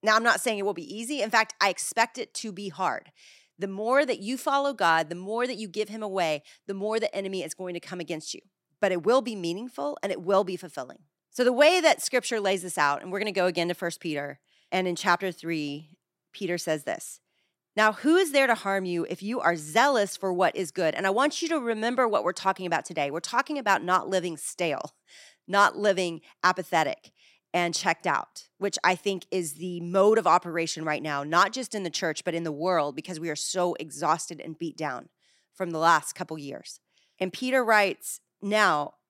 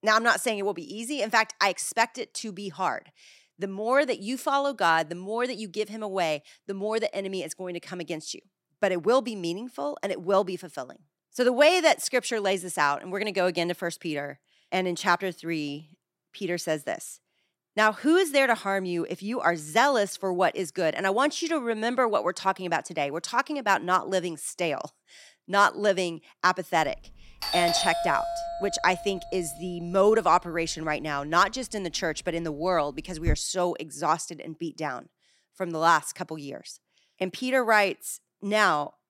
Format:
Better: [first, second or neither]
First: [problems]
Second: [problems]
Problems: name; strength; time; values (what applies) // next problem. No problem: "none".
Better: first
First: none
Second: doorbell; loud; from 27 to 33 s; peak 1 dB above the speech